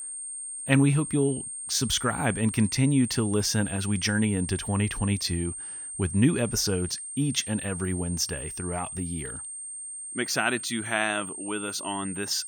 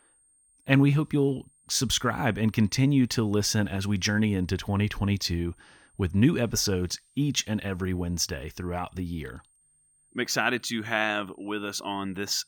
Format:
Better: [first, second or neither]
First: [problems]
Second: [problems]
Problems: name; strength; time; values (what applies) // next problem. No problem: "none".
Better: second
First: high-pitched whine; loud; throughout; 8.5 kHz, 7 dB below the speech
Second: high-pitched whine; faint; throughout; 8.5 kHz, 35 dB below the speech